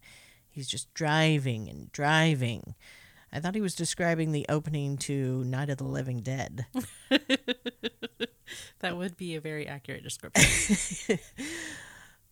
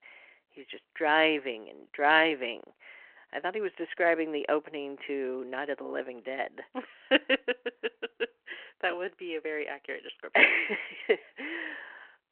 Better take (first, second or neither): first